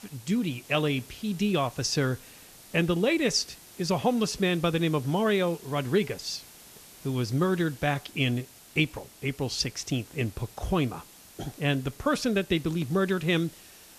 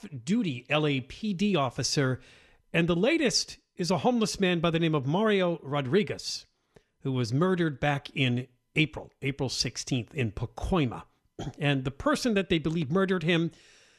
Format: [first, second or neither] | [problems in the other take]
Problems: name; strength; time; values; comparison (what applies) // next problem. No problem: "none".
second | hiss; faint; throughout; 20 dB below the speech